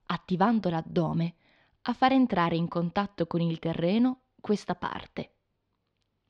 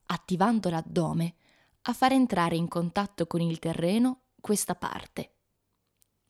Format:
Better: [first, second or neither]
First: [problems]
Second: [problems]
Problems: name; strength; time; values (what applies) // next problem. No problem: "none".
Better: second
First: muffled; very slightly; fading above 4.5 kHz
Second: none